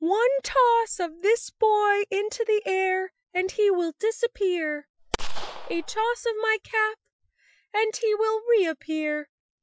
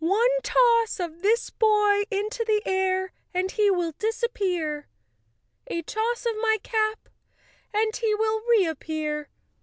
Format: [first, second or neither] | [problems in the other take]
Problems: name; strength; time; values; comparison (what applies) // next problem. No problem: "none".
second | noise reduction (classical method Wiener filter)